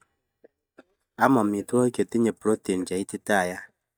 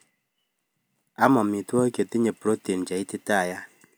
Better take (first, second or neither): second